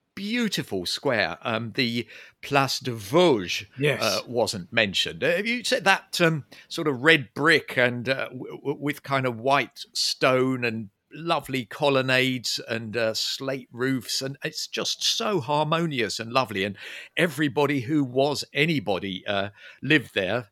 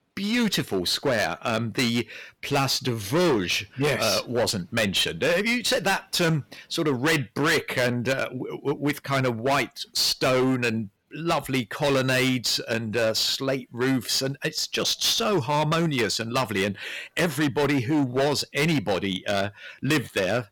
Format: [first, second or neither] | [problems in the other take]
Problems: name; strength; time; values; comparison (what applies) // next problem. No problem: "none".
first | distortion; heavy; 14% of the sound clipped